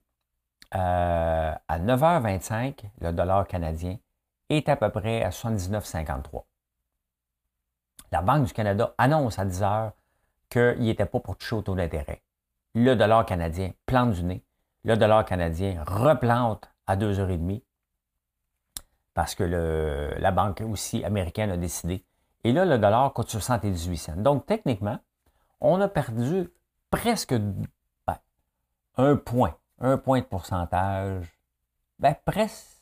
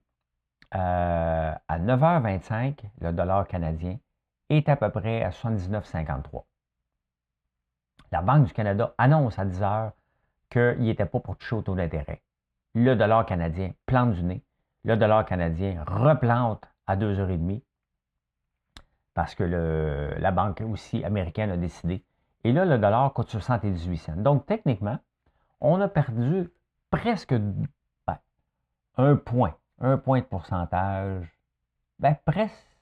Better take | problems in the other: first | muffled; slightly; fading above 2.5 kHz

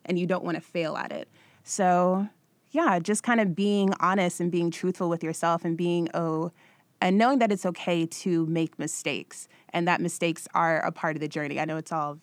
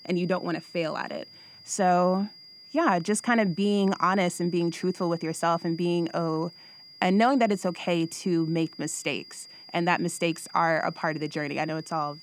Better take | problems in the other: first | high-pitched whine; noticeable; throughout; 5 kHz, 20 dB below the speech

